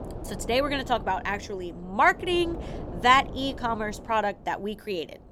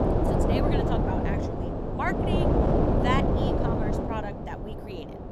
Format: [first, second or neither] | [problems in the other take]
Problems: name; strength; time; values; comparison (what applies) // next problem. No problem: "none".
first | wind noise on the microphone; heavy; 5 dB above the speech; occasional gusts in the first